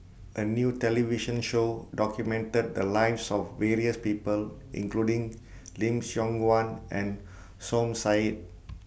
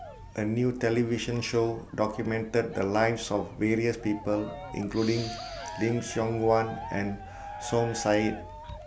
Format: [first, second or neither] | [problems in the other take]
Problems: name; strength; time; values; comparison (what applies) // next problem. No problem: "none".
first | background sound (Respiratory sounds + Cheering); 14 dB below the speech